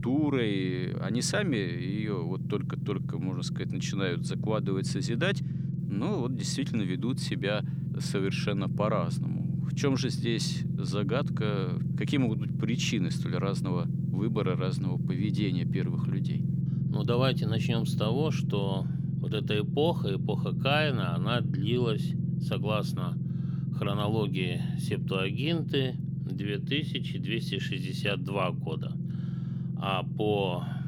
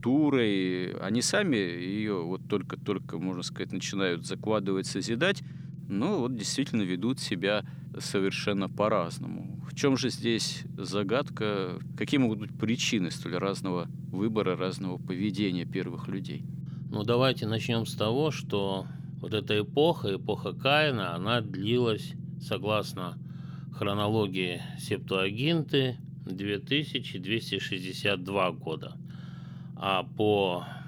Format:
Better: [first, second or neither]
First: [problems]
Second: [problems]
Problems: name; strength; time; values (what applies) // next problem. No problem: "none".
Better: second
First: low rumble; loud; throughout; 8 dB below the speech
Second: low rumble; faint; throughout; 20 dB below the speech